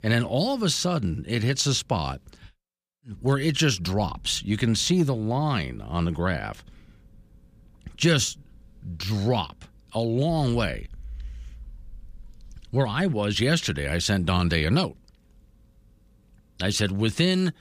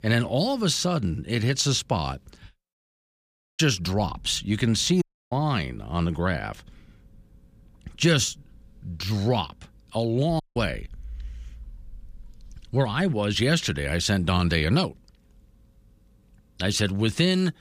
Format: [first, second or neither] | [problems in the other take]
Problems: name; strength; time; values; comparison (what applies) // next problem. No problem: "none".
first | audio cutting out; at 2.5 s for 1 s, at 5 s and at 10 s